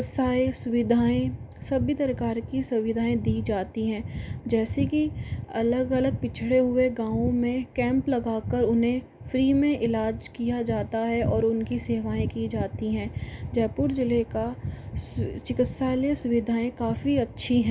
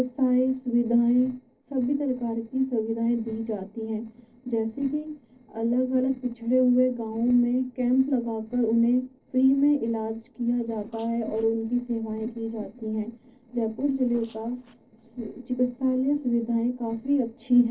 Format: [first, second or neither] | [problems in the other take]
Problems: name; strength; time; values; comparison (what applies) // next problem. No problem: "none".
first | noise reduction (neural separator model SepFormer DNS4)